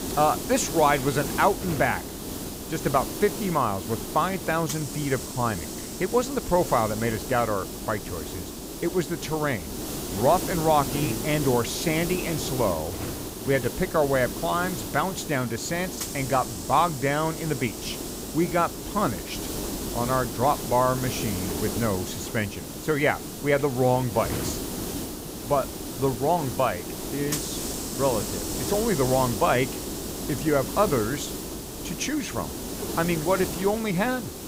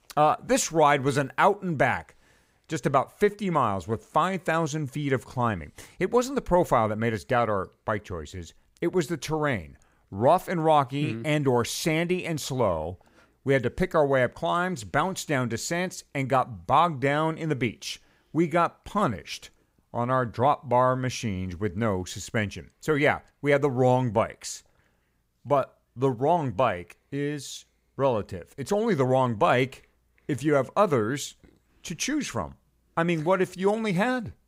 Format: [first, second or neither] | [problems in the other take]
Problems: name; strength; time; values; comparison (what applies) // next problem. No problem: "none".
second | hiss; loud; throughout; 6 dB below the speech